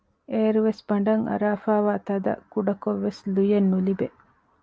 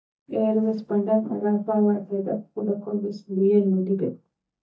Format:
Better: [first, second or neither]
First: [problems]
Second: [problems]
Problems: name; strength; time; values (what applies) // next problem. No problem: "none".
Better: first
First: none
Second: noise reduction (neural mask model DeepFilterNet 3)